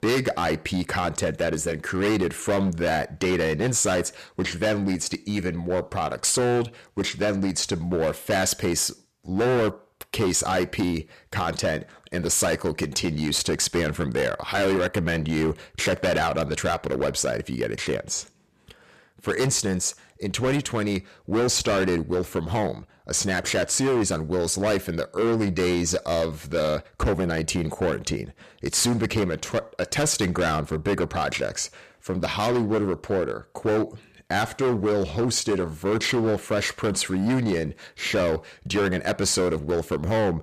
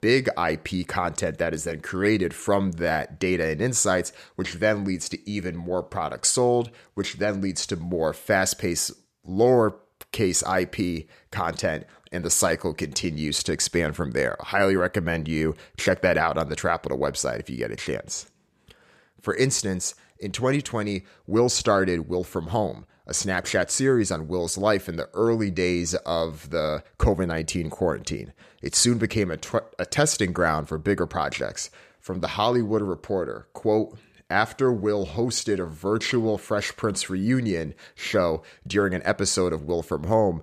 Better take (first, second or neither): second